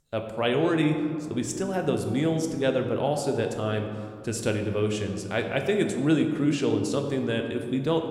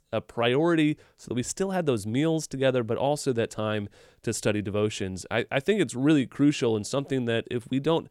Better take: second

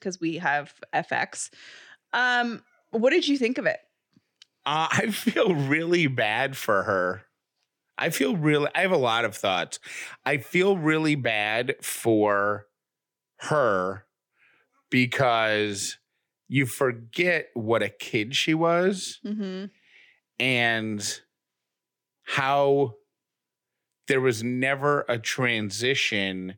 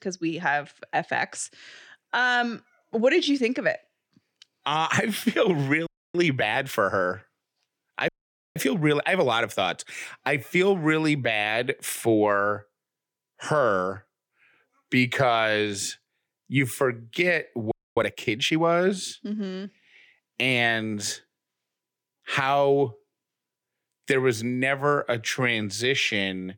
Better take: first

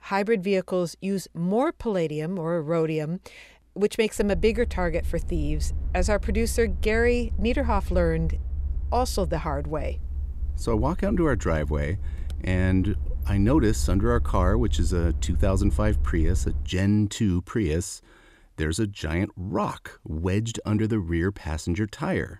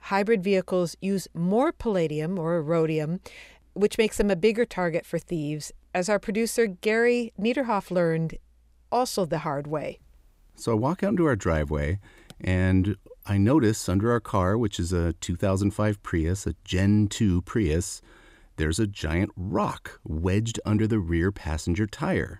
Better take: second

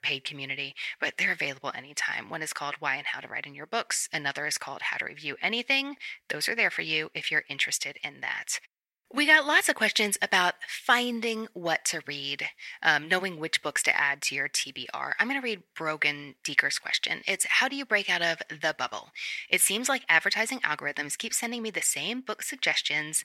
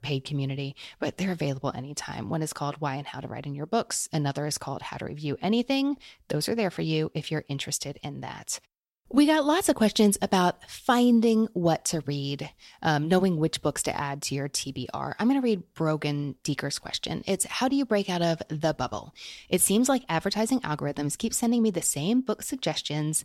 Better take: second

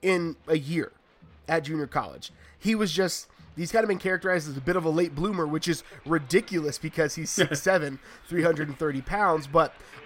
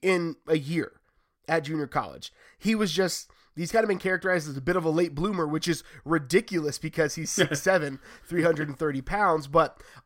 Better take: second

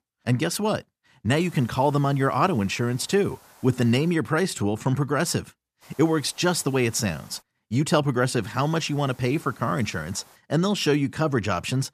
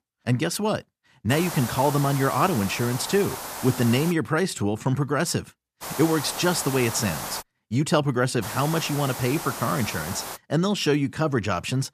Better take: first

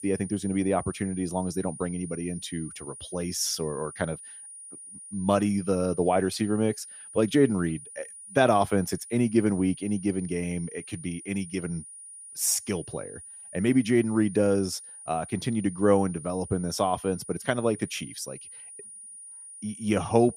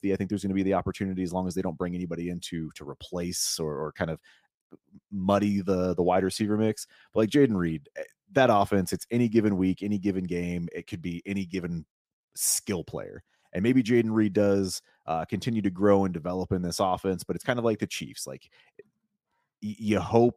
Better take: second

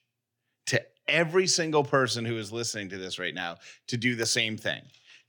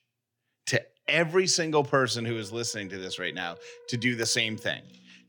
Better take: first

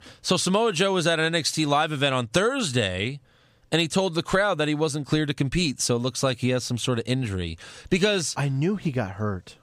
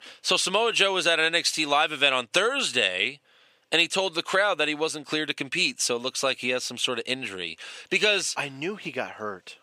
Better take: first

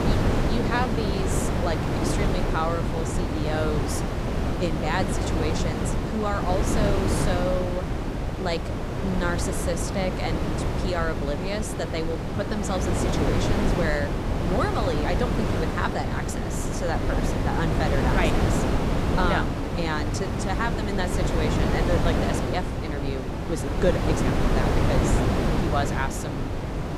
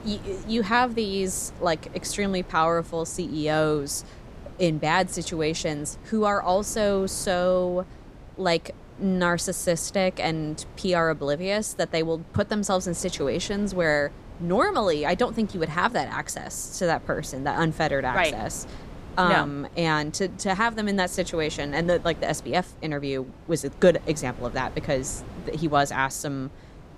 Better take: second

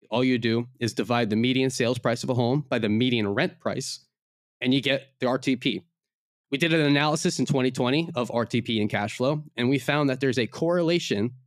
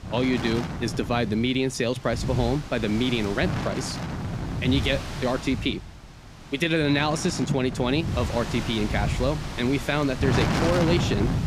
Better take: first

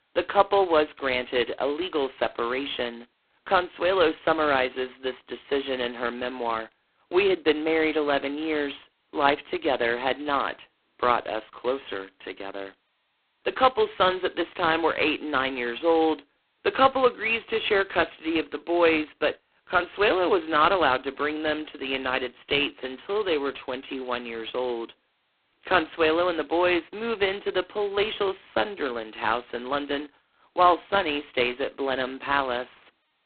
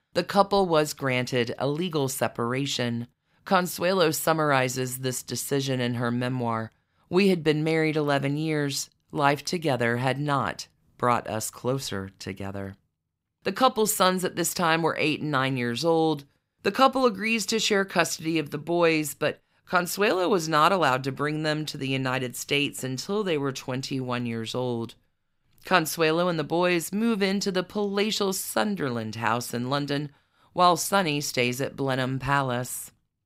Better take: second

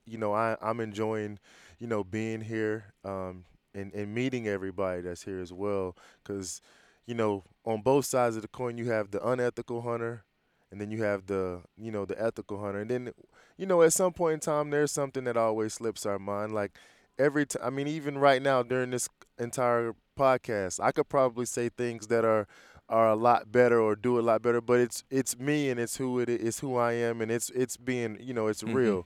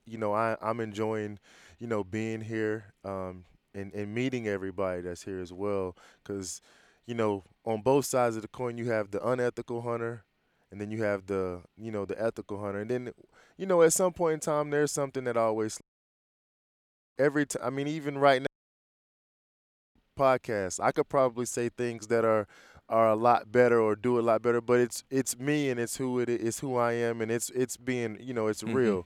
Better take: first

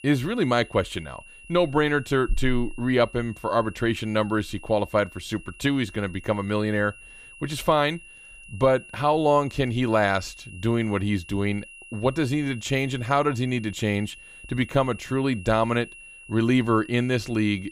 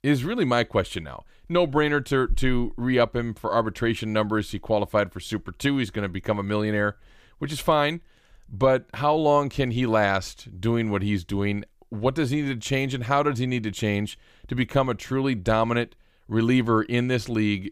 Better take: second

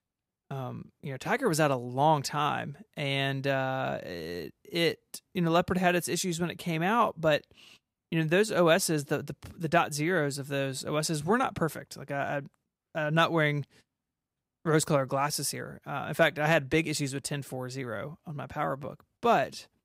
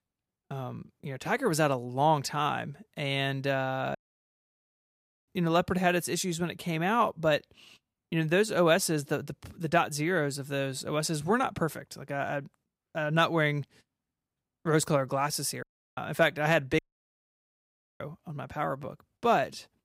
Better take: first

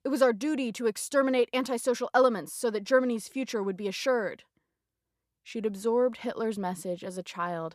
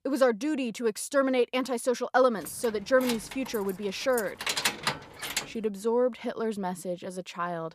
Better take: first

